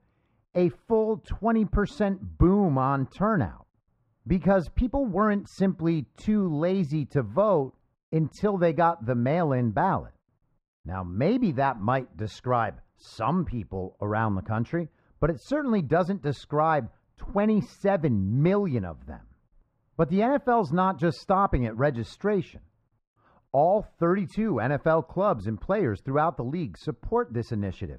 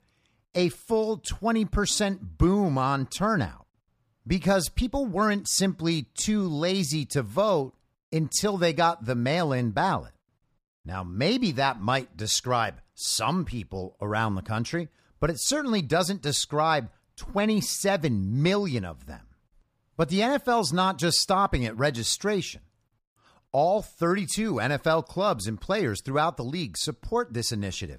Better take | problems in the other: second | muffled; very; fading above 3.5 kHz

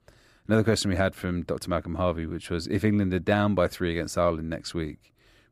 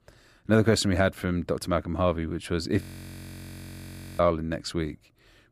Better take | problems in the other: first | audio freezing; at 3 s for 1.5 s

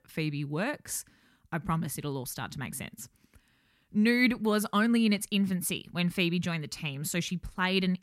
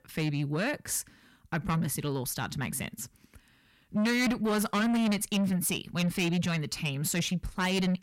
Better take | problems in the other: first | distortion; heavy; 8 dB below the speech

